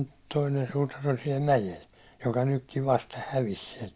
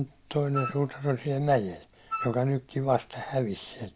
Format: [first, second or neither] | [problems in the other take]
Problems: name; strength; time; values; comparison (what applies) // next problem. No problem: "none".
first | background sound (Wind instrument, woodwind instrument); 9 dB below the speech